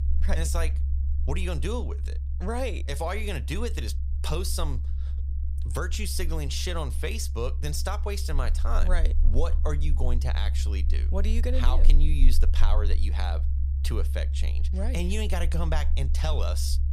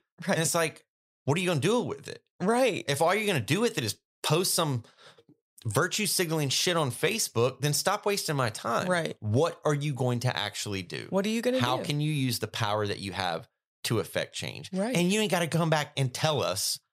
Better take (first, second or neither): second